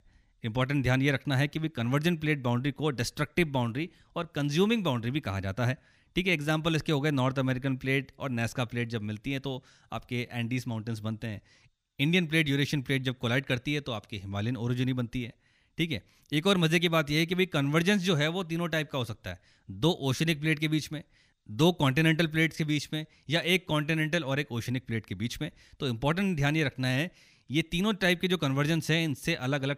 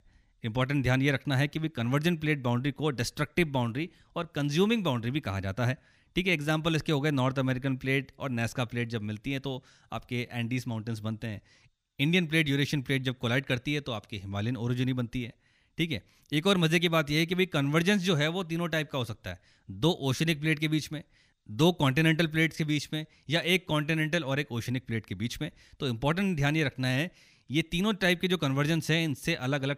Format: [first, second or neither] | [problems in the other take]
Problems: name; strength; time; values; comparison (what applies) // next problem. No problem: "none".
neither | none